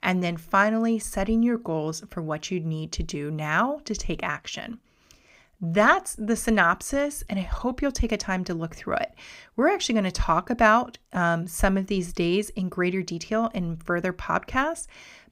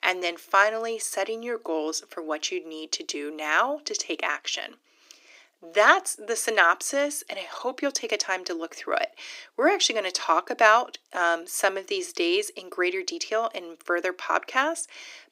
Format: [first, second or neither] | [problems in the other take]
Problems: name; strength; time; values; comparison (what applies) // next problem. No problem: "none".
first | thin; very; fading below 300 Hz